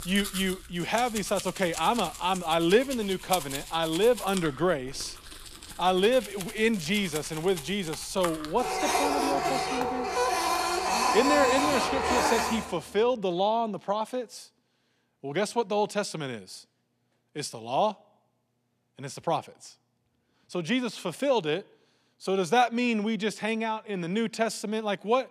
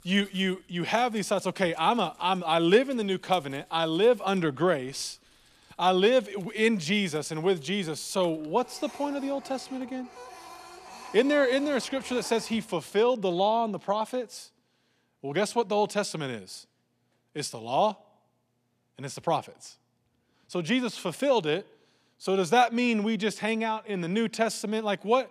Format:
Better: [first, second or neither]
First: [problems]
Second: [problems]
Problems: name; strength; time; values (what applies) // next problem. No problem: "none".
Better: second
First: household noises; loud; until 12 s; 2 dB below the speech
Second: household noises; faint; until 12 s; 20 dB below the speech